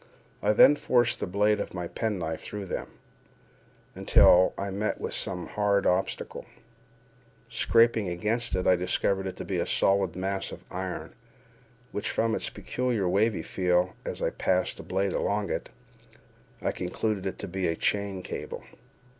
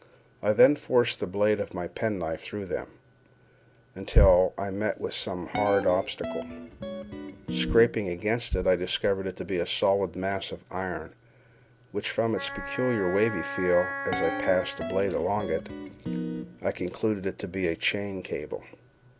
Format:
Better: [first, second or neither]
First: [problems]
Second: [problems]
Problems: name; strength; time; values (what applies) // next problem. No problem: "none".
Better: first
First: none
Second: background sound (Wind instrument, woodwind instrument + Guitar); 8 dB below the speech